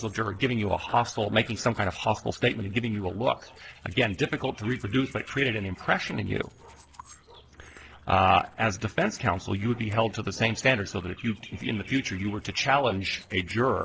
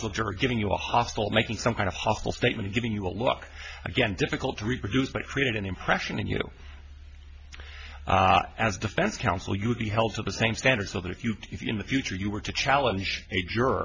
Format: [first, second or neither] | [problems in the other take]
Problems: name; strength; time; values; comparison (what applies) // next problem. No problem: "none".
second | noise reduction (neural separator model SepFormer DNS4)